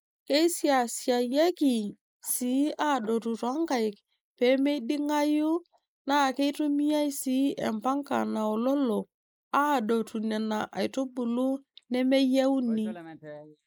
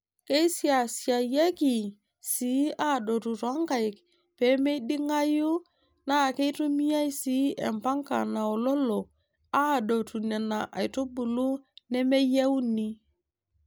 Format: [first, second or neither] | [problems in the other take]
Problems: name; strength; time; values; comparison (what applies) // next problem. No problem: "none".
second | noise reduction (neural mask model Resemble Enhance denoiser)